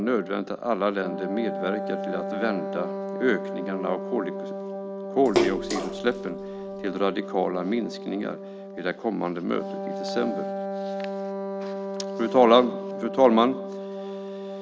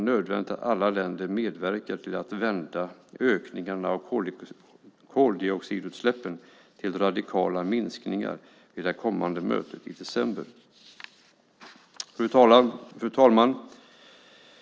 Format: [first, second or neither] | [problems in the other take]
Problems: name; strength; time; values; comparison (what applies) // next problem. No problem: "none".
second | background sound (Splash, splatter + Wind instrument, woodwind instrument); 5 dB below the speech